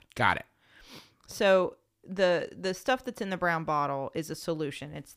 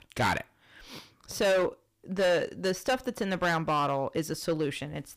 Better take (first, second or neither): first